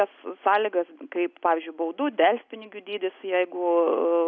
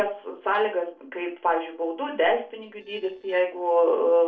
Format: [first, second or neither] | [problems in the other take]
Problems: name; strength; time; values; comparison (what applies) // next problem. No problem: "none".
first | noise reduction (neural separator model SepFormer DNS4)